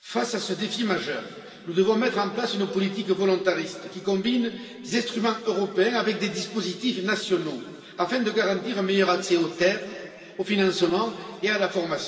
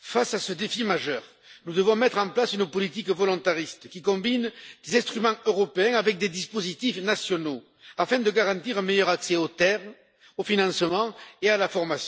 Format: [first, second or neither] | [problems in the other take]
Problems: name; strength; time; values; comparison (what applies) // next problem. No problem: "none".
second | room echo; dies away in 2.6 s